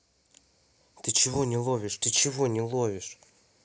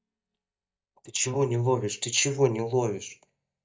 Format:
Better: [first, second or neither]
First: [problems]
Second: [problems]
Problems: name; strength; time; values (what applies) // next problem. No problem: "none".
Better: first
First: none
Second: noise reduction (neural mask model DeepFilterNet 3)